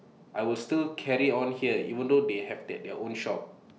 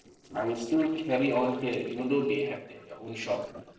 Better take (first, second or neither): first